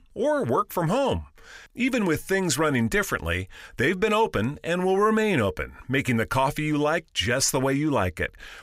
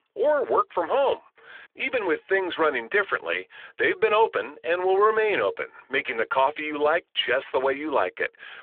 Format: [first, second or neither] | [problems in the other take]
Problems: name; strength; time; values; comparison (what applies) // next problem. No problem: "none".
first | phone-call audio